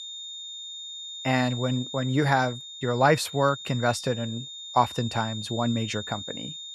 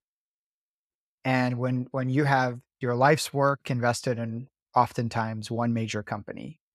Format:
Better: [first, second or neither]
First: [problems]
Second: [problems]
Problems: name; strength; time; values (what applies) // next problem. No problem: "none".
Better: second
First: high-pitched whine; loud; throughout; 3.5 kHz, 10 dB below the speech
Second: none